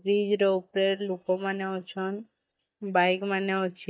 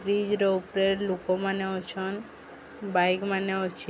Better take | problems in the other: second | noise reduction (neural mask model DeepFilterNet 3)

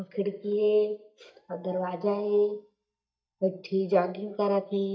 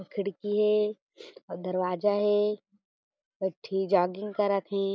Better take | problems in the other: second | noise reduction (neural mask model DeepFilterNet 3)

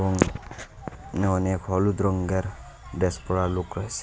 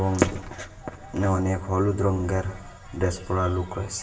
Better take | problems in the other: first | room echo; dies away in 0.9 s

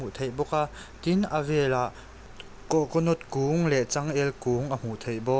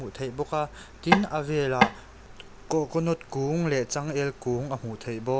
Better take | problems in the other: first | background sound (Tap / Wood); 3 dB above the speech

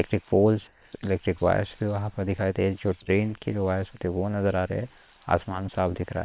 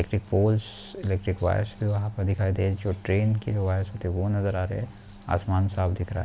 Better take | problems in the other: second | noise reduction (neural separator model SepFormer WHAM!)

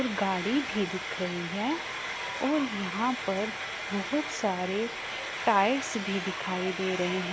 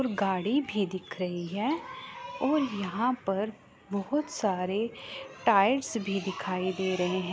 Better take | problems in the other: second | background sound (Frying (food)); 6 dB below the speech

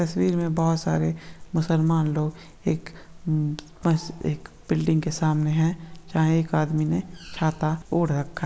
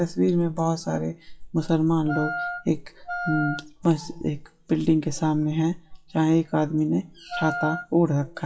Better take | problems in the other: first | noise reduction (classical method WPE with log-MMSE)

